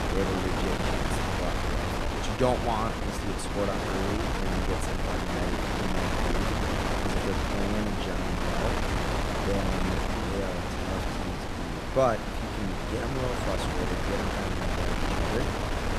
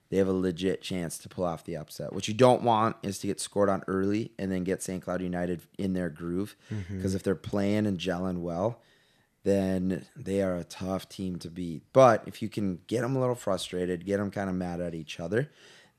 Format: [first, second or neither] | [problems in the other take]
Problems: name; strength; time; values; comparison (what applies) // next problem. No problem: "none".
second | wind noise on the microphone; heavy; 3 dB above the speech